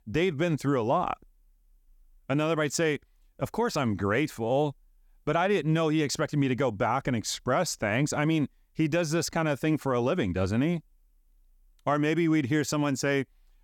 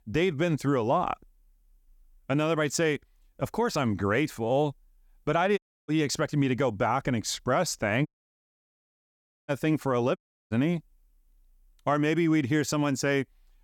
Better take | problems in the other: first | audio cutting out; at 5.5 s, at 8 s for 1.5 s and at 10 s

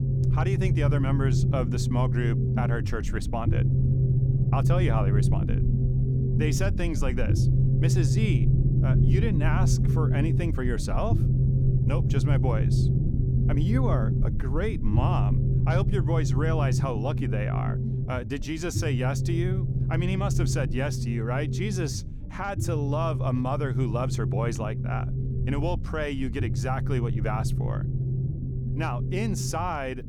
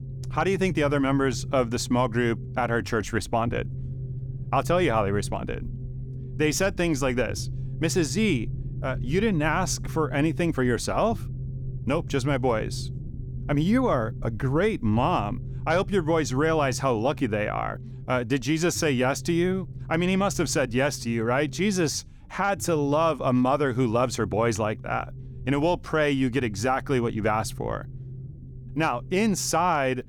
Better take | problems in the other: second | low rumble; loud; throughout; 4 dB below the speech; faint in the second

